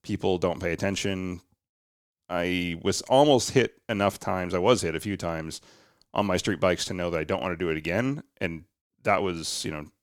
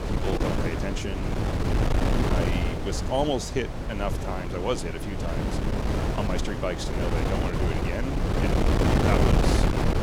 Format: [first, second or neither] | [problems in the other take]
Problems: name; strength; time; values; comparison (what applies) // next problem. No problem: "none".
first | wind noise on the microphone; heavy; 2 dB above the speech